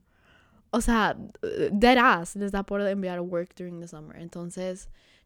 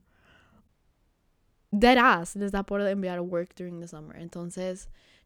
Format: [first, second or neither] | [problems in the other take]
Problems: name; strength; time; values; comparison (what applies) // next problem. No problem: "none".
first | audio cutting out; at 0.5 s for 1 s